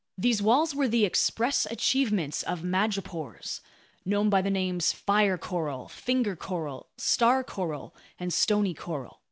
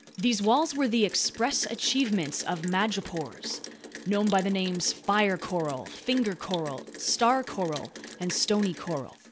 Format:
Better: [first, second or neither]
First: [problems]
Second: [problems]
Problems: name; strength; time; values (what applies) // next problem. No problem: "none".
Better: first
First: none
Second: background sound (Rain); 16 dB below the speech